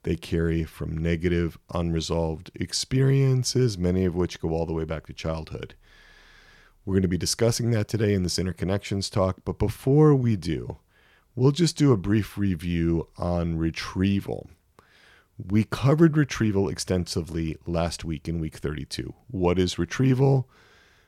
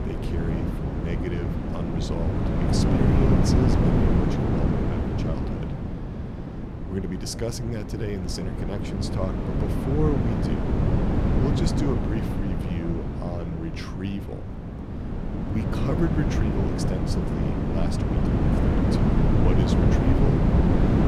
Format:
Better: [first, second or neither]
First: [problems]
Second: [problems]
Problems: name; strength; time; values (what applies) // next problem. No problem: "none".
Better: first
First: none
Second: wind noise on the microphone; heavy; 4 dB above the speech